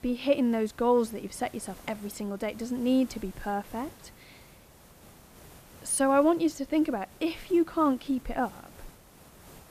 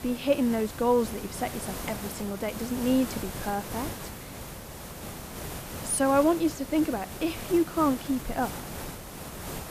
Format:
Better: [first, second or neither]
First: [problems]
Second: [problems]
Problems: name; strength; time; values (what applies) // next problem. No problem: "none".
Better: first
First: hiss; faint; throughout; 25 dB below the speech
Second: hiss; loud; throughout; 10 dB below the speech